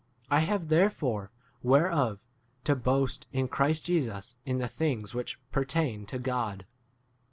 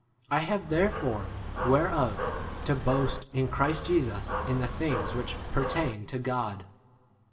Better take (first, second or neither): first